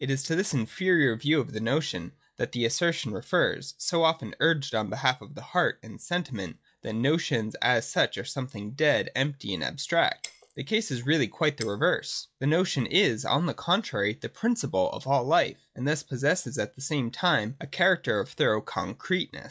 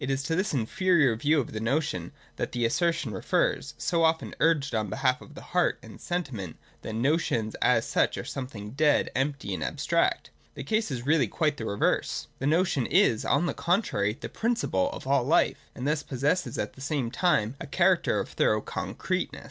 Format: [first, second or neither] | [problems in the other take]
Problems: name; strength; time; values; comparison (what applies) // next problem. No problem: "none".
second | noise reduction (classical method log-MMSE)